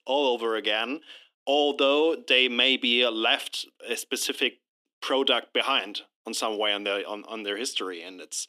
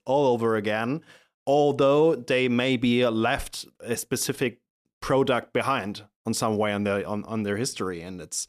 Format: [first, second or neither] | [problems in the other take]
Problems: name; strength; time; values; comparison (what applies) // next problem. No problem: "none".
second | thin; very slightly; fading below 250 Hz